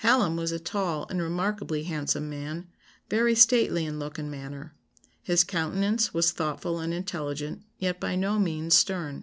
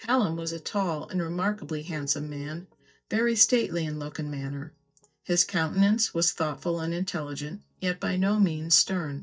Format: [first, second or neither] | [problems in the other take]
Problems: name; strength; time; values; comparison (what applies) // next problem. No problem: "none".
first | noise reduction (neural mask model DeepFilterNet 3)